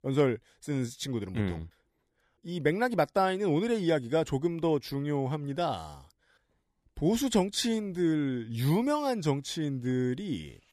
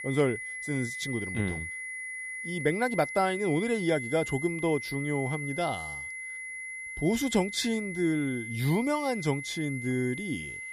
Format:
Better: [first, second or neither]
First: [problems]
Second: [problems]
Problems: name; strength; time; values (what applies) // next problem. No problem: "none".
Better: first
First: none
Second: high-pitched whine; loud; throughout; 2 kHz, 6 dB below the speech